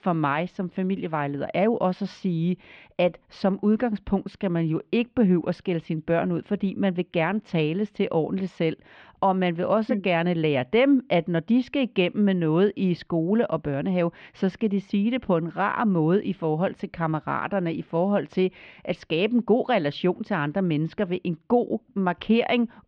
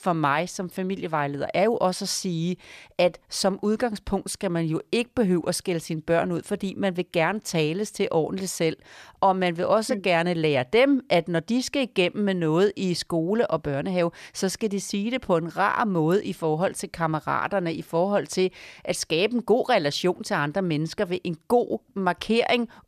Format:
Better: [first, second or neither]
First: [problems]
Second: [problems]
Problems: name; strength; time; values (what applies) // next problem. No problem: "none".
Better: second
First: muffled; very; fading above 3 kHz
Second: none